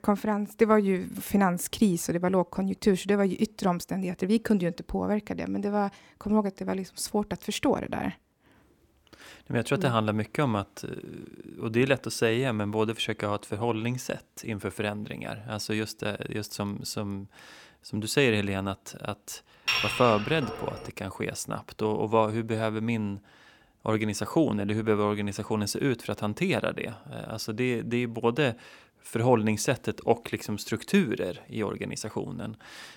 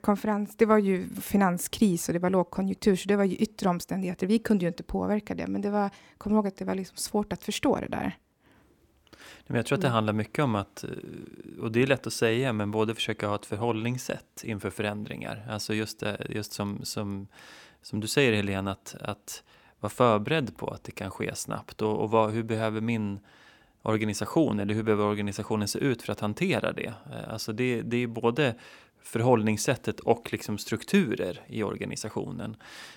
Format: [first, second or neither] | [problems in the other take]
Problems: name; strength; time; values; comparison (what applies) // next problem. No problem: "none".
second | clattering dishes; loud; from 20 to 21 s; peak 3 dB above the speech